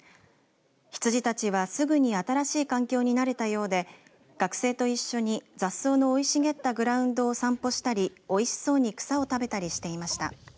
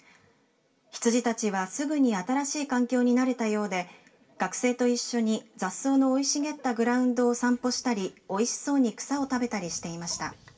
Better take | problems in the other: first | room echo; dies away in 0.2 s

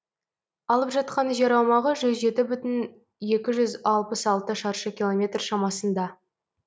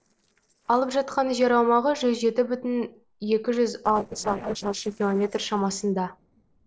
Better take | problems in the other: first | noise reduction (neural separator model SepFormer DNS4)

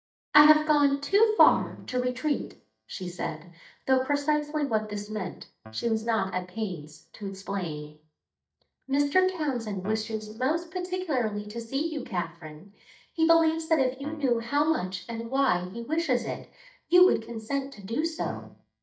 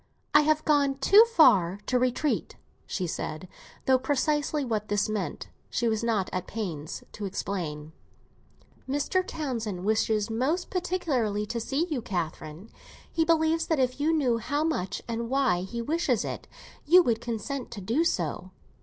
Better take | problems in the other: second | noise reduction (neural mask model DeepFilterNet 3)

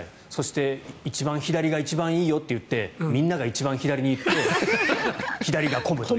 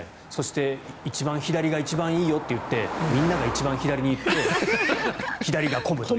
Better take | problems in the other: first | background sound (Car passing by); 10 dB below the speech

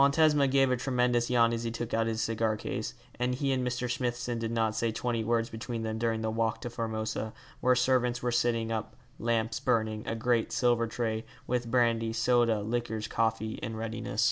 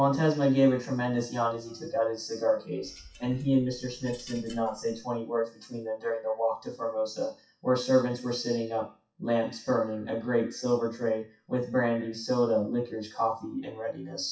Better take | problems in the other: first | noise reduction (classical method WPE with log-MMSE)

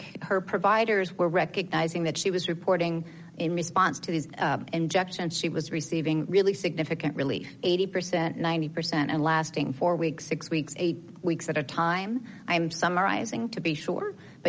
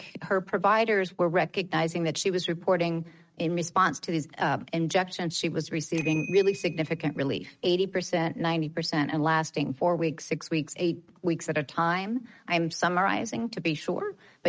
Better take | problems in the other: first | noise reduction (neural mask model RNNoise)

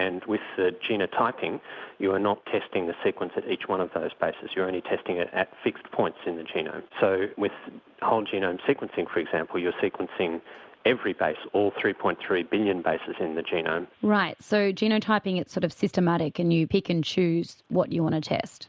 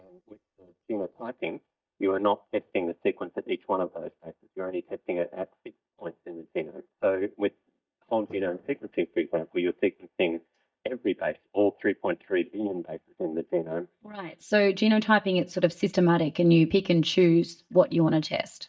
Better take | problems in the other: first | noise reduction (neural mask model DeepFilterNet 3)

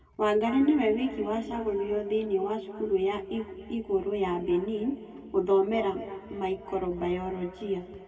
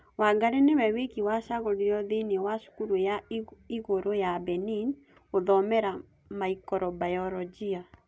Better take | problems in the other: second | room echo; dies away in 2.5 s

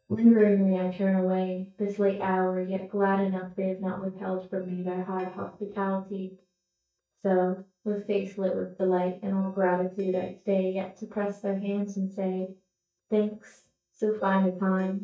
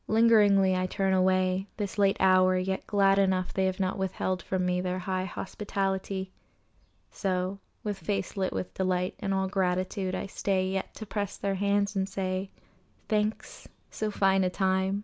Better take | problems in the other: second | noise reduction (neural mask model DeepFilterNet 3)

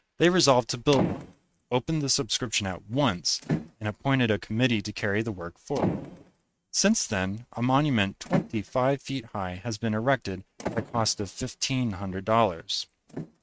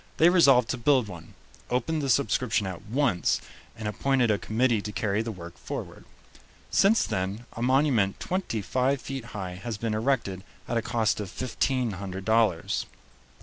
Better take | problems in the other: second | noise reduction (neural mask model RNNoise)

